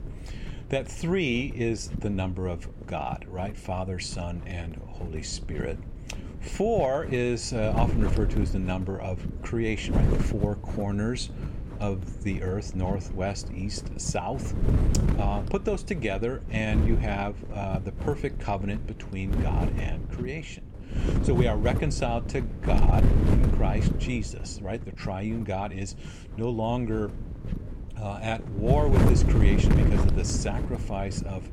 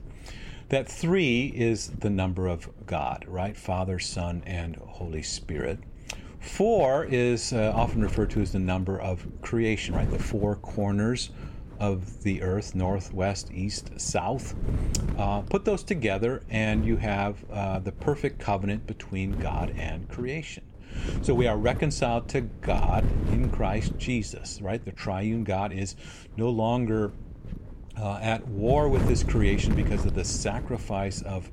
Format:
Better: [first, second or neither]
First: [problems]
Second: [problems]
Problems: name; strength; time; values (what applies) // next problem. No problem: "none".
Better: second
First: wind noise on the microphone; heavy; 6 dB below the speech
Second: wind noise on the microphone; occasional gusts; 15 dB below the speech